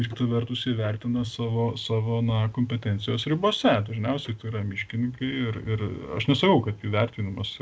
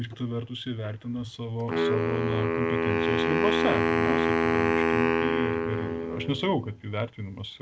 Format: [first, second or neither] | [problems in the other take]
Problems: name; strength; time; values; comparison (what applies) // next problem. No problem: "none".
first | background sound (Wind instrument, woodwind instrument); 4 dB above the speech